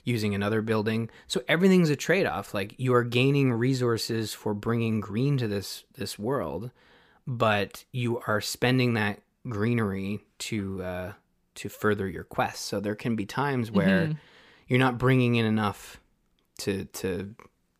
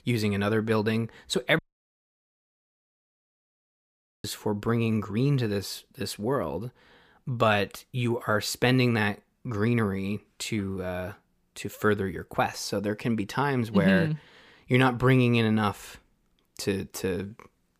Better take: first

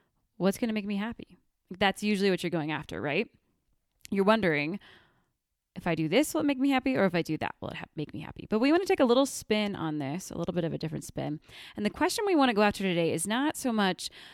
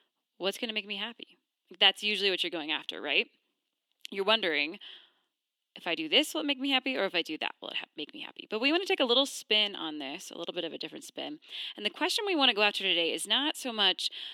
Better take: first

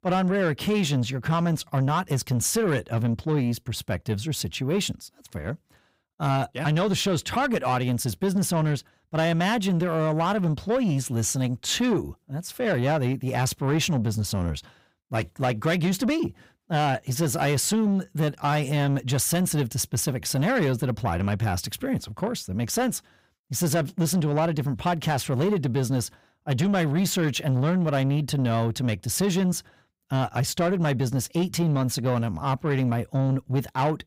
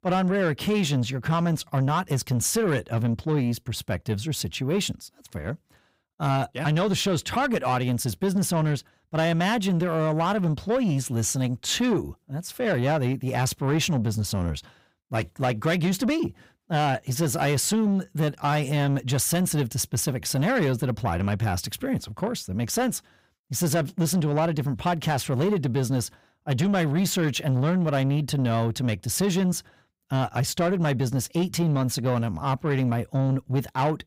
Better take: neither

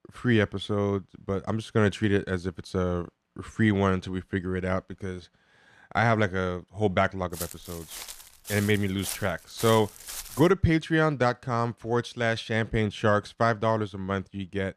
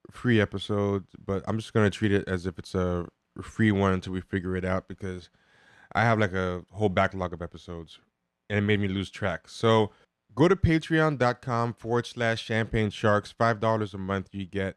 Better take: second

